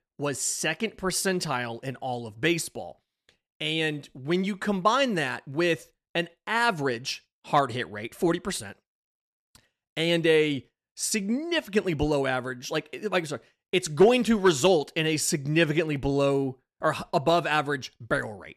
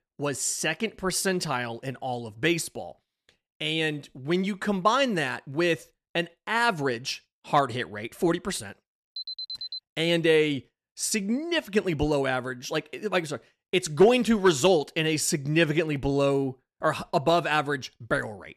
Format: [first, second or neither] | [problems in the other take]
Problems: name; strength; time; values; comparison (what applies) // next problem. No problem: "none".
first | alarm; noticeable; at 9 s; peak 7 dB below the speech